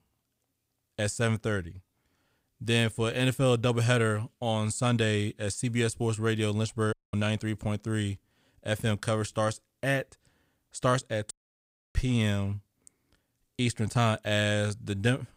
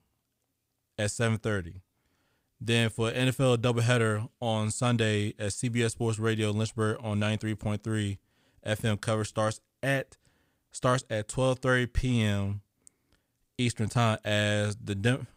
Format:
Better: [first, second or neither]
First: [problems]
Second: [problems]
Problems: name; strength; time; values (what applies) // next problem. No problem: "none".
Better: second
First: audio cutting out; at 7 s and at 11 s for 0.5 s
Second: none